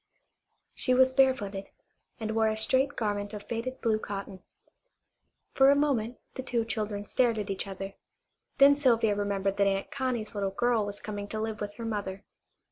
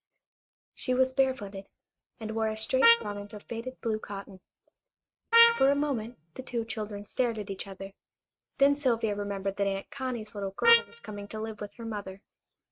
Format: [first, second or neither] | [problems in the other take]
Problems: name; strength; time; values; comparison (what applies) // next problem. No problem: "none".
first | noise reduction (neural mask model RNNoise)